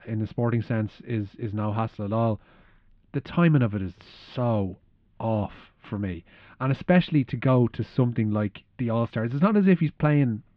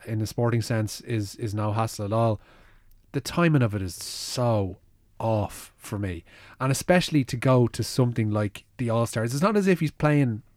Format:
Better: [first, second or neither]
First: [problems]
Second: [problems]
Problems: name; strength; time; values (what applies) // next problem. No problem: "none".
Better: second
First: muffled; very; fading above 3.5 kHz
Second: none